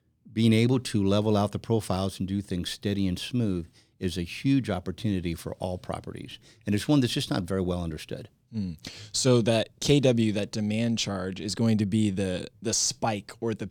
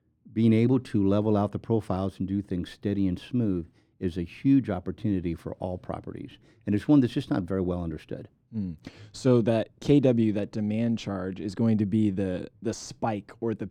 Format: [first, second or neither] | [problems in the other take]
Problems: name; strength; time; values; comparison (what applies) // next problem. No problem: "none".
first | muffled; slightly; fading above 2.5 kHz